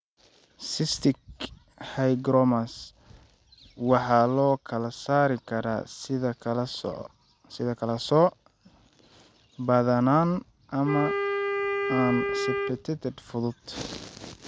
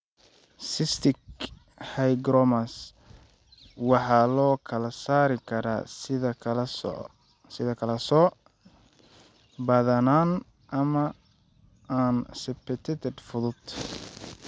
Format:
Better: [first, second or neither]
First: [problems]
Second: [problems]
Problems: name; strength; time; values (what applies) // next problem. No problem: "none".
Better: second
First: background sound (Wind instrument, woodwind instrument); 3 dB below the speech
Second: none